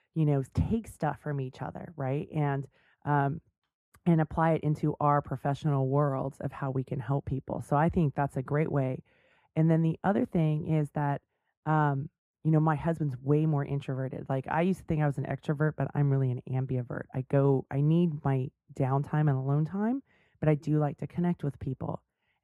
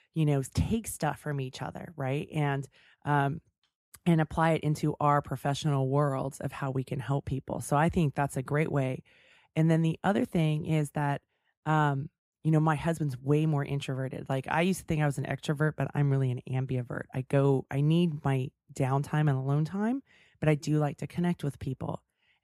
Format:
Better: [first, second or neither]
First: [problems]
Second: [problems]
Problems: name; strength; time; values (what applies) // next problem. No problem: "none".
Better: second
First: muffled; slightly; fading above 2.5 kHz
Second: none